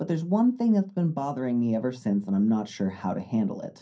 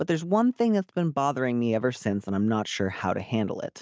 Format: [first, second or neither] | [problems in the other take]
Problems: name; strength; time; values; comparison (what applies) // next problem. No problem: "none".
second | room echo; dies away in 0.3 s